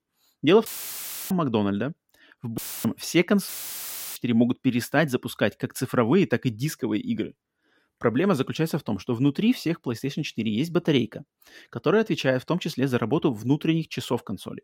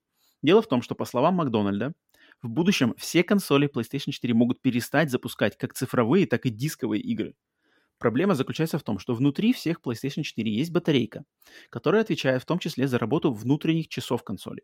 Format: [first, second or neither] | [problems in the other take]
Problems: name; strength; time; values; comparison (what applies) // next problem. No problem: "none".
second | audio cutting out; filled with static; at 0.5 s for 0.5 s, at 2.5 s and at 3.5 s for 0.5 s